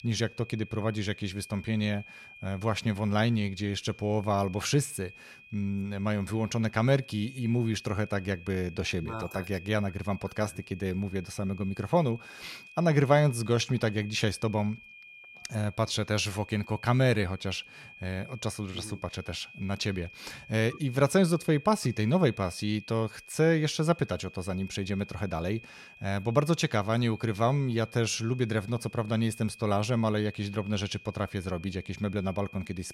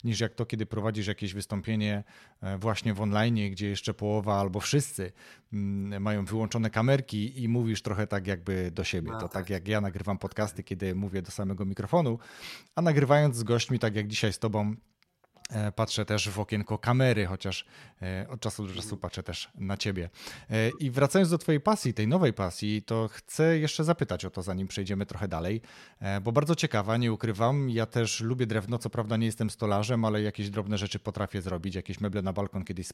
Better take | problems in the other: second | high-pitched whine; noticeable; throughout; 2.5 kHz, 20 dB below the speech

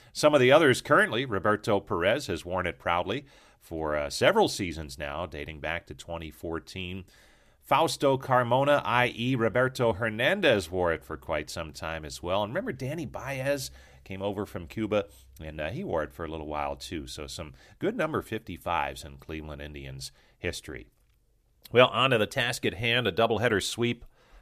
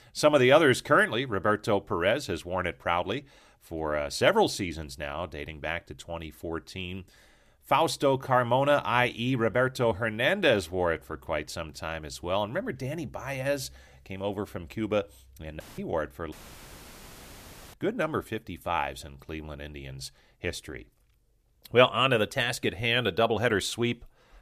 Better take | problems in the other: first | audio cutting out; filled with static; at 16 s for 1.5 s

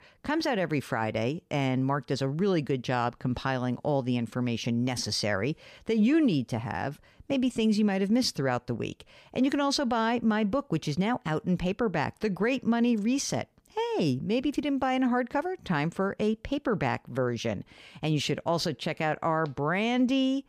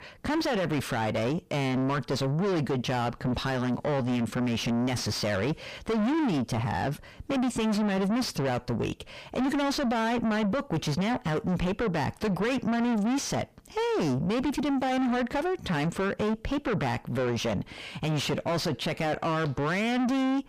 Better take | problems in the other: first | distortion; heavy; 5 dB below the speech

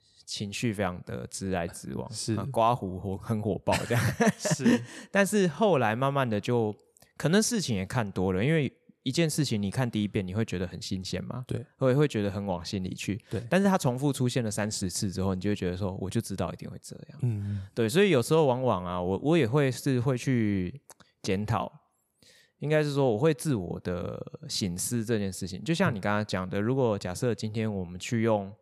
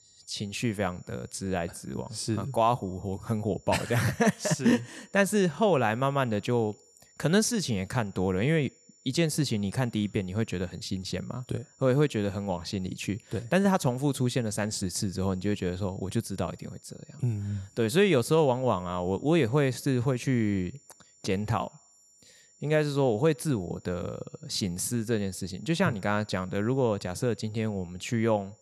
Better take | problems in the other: first | high-pitched whine; faint; throughout; 7 kHz, 30 dB below the speech

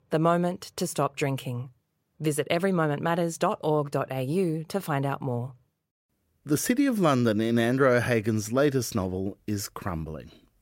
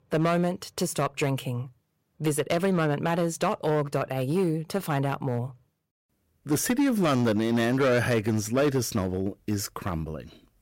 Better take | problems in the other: first | distortion; slight; 7% of the sound clipped

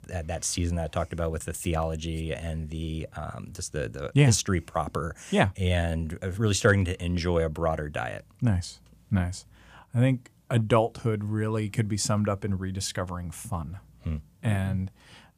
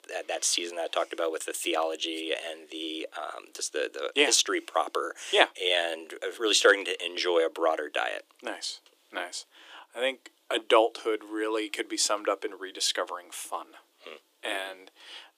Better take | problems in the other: first | thin; very; fading below 300 Hz

